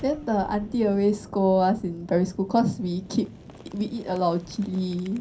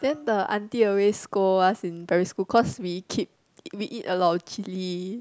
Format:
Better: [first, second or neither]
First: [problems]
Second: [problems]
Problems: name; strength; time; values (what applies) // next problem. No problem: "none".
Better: second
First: background sound (Boom); 19 dB below the speech // room echo; dies away in 0.3 s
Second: none